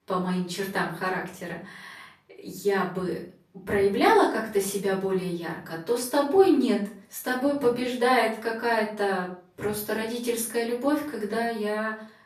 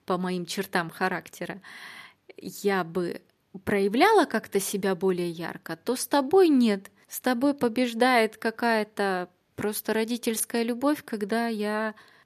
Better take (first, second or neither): second